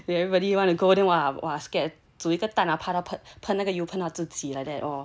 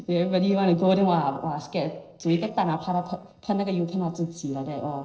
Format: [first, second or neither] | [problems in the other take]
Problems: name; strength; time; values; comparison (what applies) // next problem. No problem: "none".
first | noise reduction (neural separator model SepFormer DNS4)